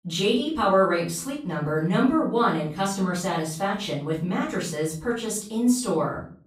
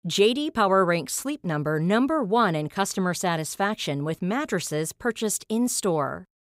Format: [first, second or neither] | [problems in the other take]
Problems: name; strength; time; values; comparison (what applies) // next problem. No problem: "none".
second | off-mic speech; far // room echo; slight; dies away in 0.4 s